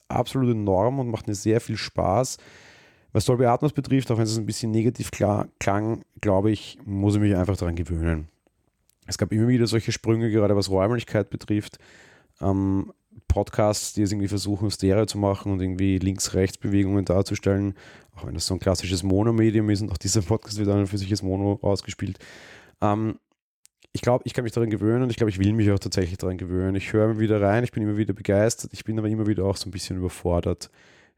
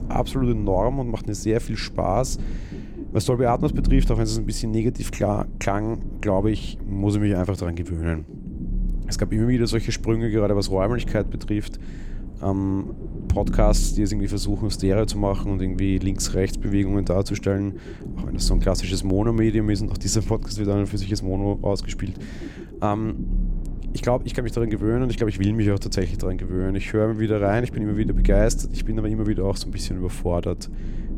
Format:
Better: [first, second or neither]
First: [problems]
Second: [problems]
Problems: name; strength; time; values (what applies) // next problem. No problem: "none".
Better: first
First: none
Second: low rumble; noticeable; throughout; 15 dB below the speech